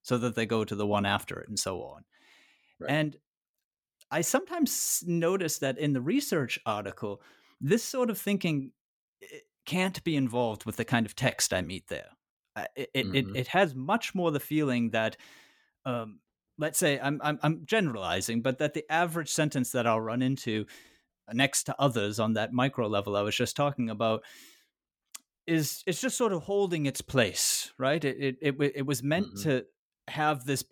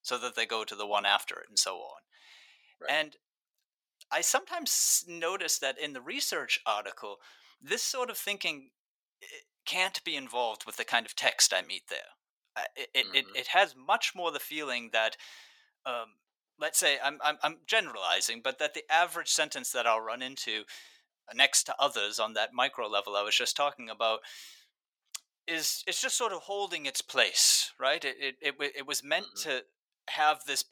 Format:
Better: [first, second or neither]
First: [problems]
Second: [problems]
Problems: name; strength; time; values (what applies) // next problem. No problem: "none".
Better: first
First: none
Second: thin; very; fading below 750 Hz